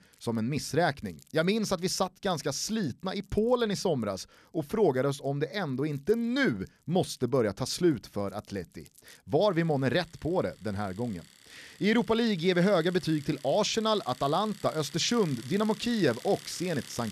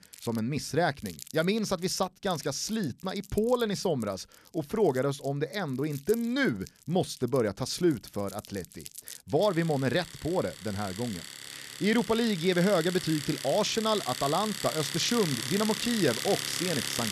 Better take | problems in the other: first | household noises; loud; throughout; 7 dB below the speech; faint in the first

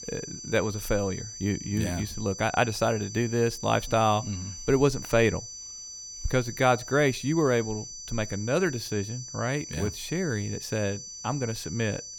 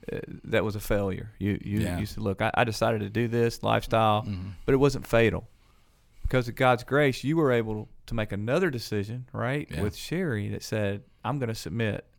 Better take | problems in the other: second | high-pitched whine; noticeable; throughout; 6 kHz, 10 dB below the speech

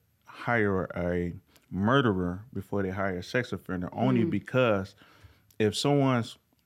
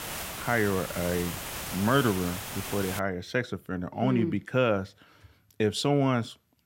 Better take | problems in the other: first | hiss; loud; until 3 s; 7 dB below the speech

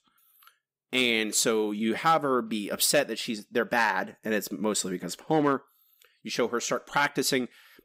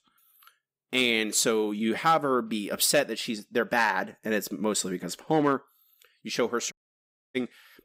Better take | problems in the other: first | audio cutting out; at 6.5 s for 0.5 s

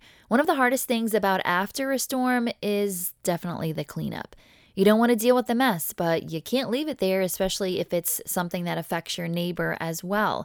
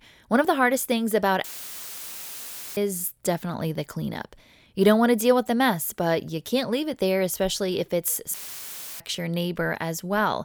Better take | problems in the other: first | audio cutting out; filled with static; at 1.5 s for 1.5 s and at 8.5 s for 0.5 s

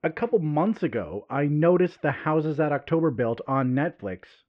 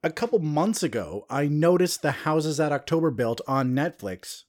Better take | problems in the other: second | muffled; very; fading above 2.5 kHz

